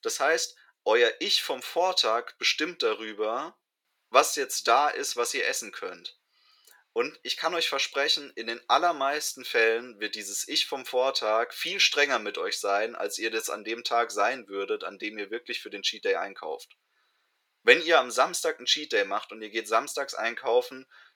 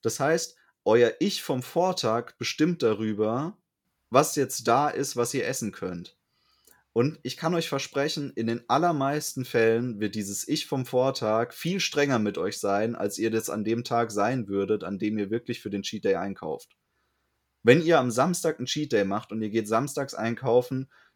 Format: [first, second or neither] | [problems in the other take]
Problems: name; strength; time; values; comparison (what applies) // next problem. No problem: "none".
second | thin; very; fading below 450 Hz